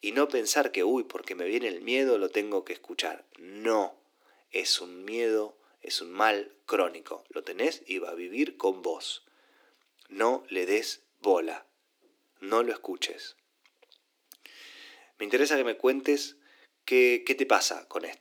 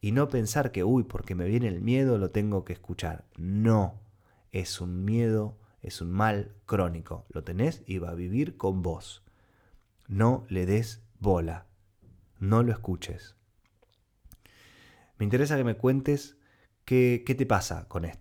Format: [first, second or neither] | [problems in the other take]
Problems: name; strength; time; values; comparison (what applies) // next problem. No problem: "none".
second | thin; somewhat; fading below 300 Hz